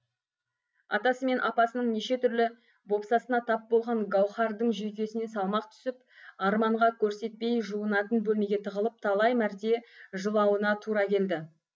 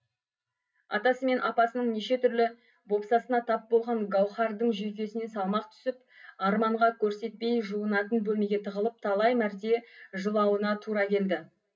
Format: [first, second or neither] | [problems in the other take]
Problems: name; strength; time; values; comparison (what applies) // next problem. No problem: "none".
first | room echo; dies away in 0.2 s